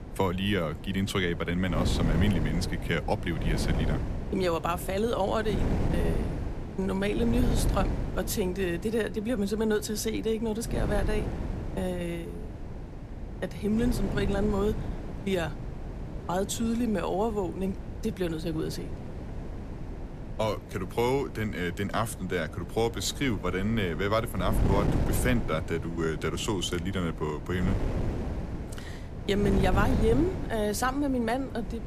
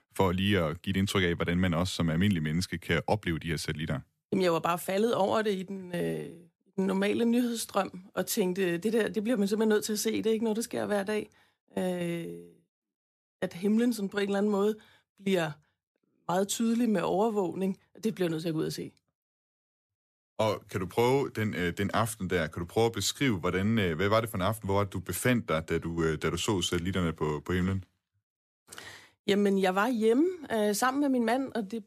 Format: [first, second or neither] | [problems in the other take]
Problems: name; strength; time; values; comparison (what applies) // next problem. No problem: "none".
second | wind noise on the microphone; heavy; 10 dB below the speech